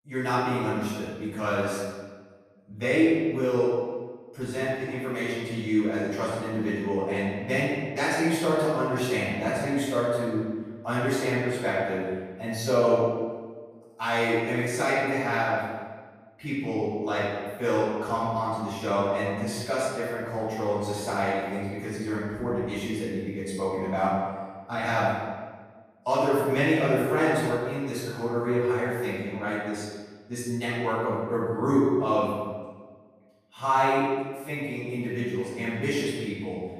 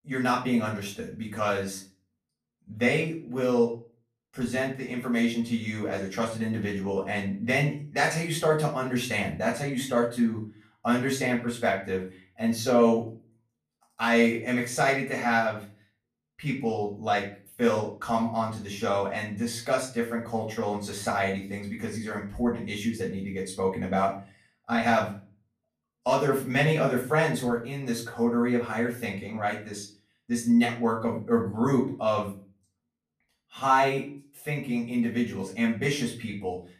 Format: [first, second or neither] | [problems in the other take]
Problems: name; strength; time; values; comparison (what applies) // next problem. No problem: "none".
second | room echo; strong; dies away in 1.3 s; slight in the second // off-mic speech; far; far in the second